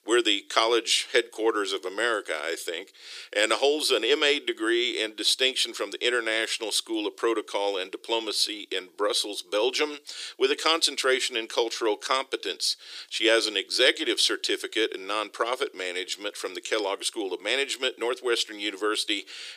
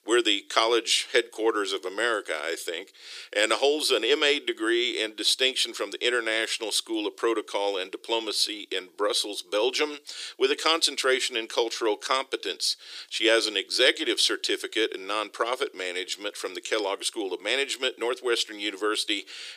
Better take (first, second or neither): neither